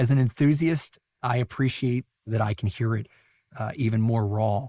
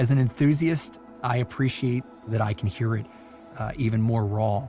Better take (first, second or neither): second